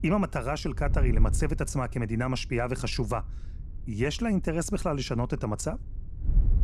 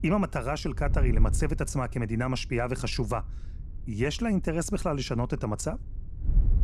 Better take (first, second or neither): neither